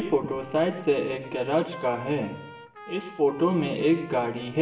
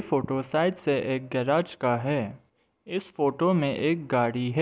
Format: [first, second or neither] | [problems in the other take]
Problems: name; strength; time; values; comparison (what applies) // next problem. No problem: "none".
second | background sound (Trumpet); 19 dB below the speech // room echo; dies away in 0.9 s